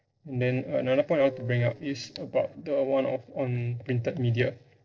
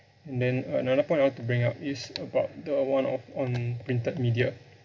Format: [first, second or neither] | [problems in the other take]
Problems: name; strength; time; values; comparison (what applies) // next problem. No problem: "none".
second | noise reduction (neural separator model SepFormer DNS4)